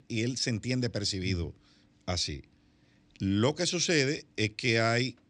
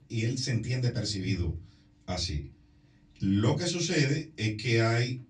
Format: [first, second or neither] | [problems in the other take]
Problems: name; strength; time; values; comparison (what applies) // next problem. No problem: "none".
first | off-mic speech; far // room echo; very slight; dies away in 0.2 s